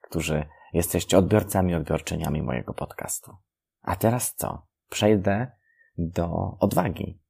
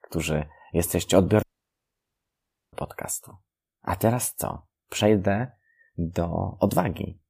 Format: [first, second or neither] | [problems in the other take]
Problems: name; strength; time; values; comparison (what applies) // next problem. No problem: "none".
first | audio cutting out; at 1.5 s for 1.5 s